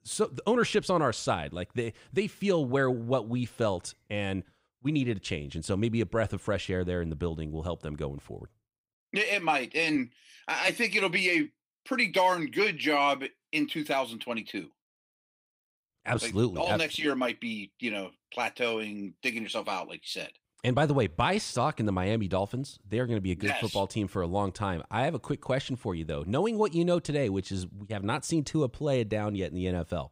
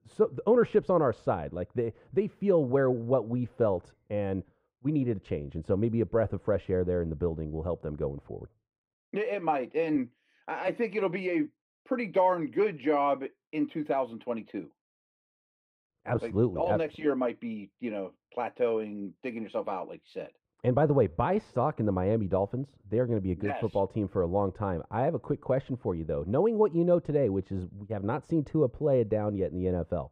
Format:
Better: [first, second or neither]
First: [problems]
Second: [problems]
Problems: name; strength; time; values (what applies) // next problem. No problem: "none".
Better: first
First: none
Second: muffled; very; fading above 2.5 kHz